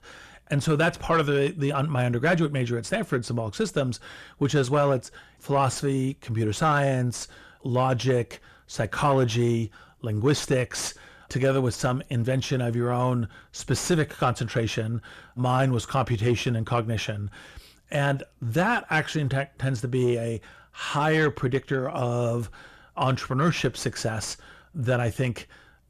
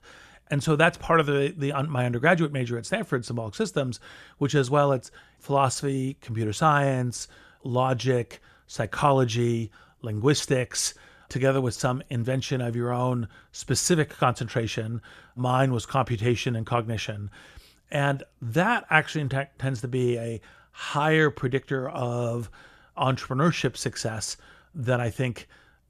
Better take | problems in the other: second | distortion; slight; 10 dB below the speech

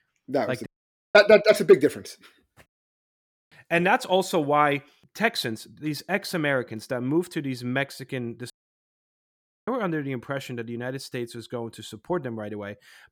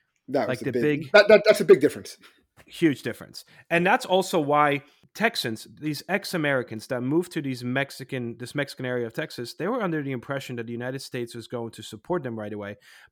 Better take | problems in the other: second | audio cutting out; at 0.5 s, at 2.5 s for 1 s and at 8.5 s for 1 s

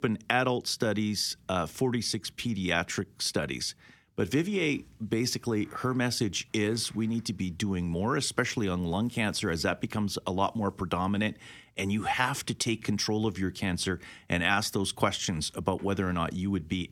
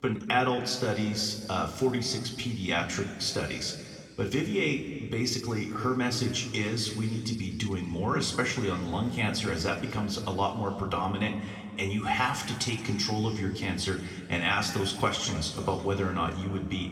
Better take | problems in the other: first | room echo; noticeable; dies away in 2 s // off-mic speech; somewhat distant

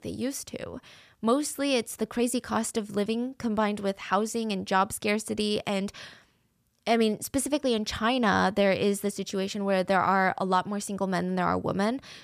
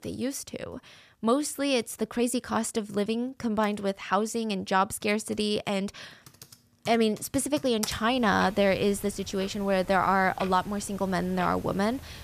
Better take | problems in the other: first | household noises; noticeable; throughout; 15 dB below the speech

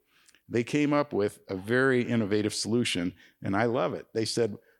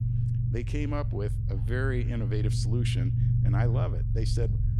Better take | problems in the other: first | low rumble; loud; throughout; 4 dB below the speech

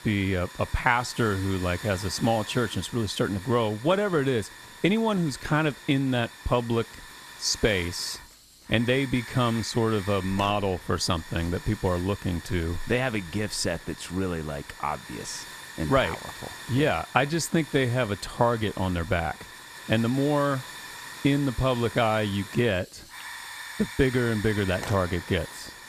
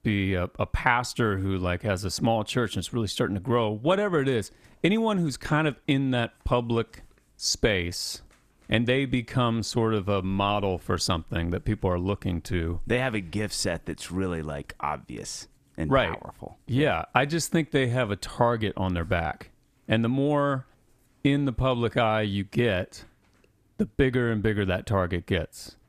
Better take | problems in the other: second | hiss; noticeable; throughout; 15 dB below the speech

